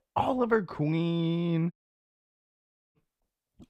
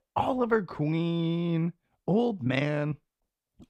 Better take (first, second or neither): second